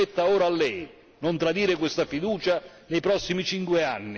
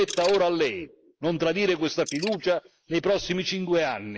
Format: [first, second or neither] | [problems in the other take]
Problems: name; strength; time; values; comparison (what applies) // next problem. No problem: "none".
first | noise reduction (neural mask model Resemble Enhance denoiser)